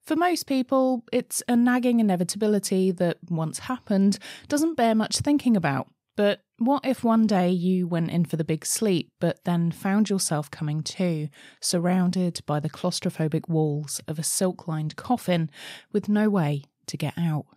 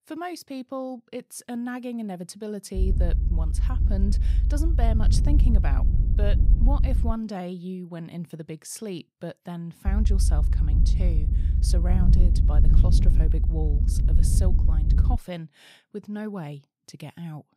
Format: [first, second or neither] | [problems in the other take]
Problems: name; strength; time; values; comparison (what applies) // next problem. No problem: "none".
first | low rumble; loud; from 3 to 7 s and from 10 to 15 s; 4 dB below the speech